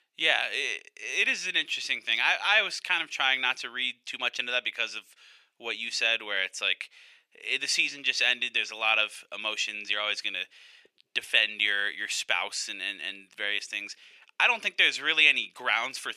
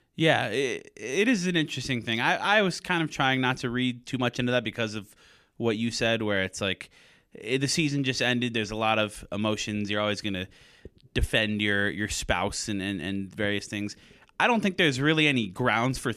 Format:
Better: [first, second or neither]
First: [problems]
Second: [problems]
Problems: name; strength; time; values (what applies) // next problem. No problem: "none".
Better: second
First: thin; very; fading below 700 Hz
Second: none